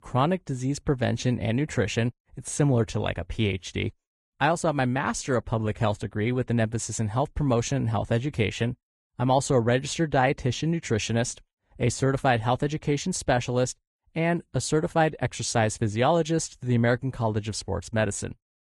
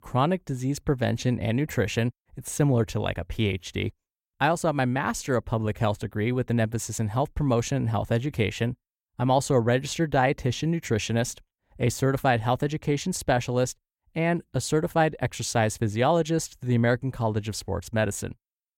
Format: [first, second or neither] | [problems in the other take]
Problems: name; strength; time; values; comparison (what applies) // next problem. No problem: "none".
second | garbled, watery; slightly